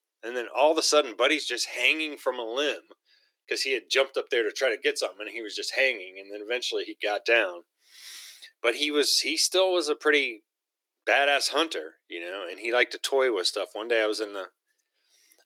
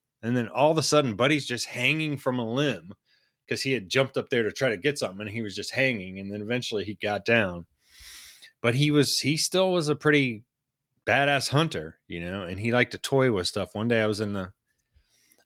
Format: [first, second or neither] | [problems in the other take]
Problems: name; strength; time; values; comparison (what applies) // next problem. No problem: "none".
second | thin; very; fading below 350 Hz